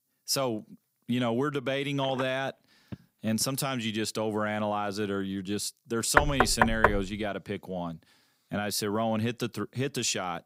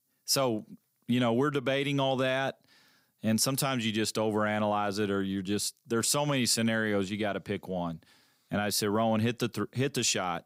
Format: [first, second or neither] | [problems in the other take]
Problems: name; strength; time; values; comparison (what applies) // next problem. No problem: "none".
second | phone ringing; faint; from 2 to 3.5 s; peak 10 dB below the speech // door banging; loud; at 6 s; peak 6 dB above the speech